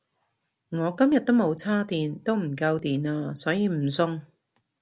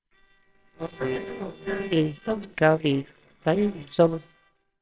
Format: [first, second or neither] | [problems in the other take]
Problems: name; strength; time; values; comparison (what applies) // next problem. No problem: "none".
first | noise reduction (neural separator model SepFormer WHAMR!)